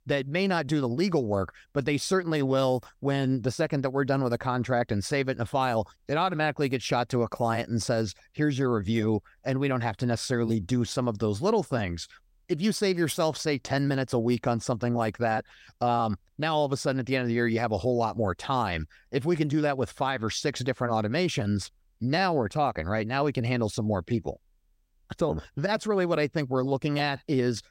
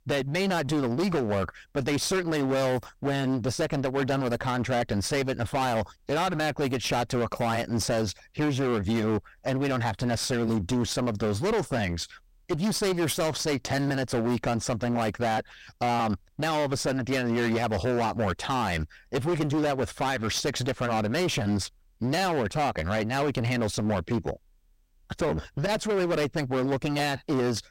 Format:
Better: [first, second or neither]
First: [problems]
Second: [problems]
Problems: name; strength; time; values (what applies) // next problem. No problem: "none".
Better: first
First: none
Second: distortion; heavy; 24% of the sound clipped